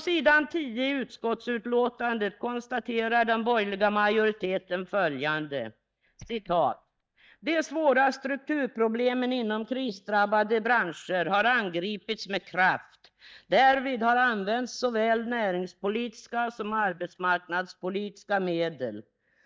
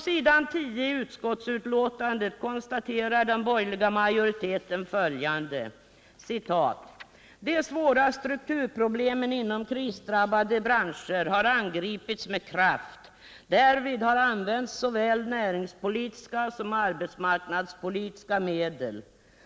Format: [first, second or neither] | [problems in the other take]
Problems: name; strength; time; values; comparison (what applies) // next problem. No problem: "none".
second | noise reduction (neural mask model DeepFilterNet 3)